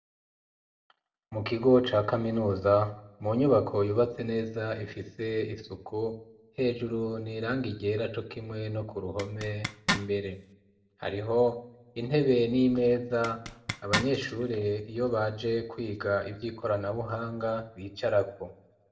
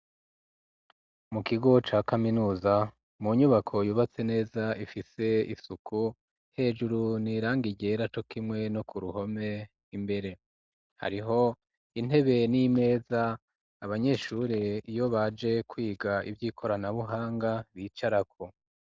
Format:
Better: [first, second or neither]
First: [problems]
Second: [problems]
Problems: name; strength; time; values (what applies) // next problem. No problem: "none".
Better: second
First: background sound (Zipper (clothing)); 5 dB below the speech // room echo; dies away in 0.4 s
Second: none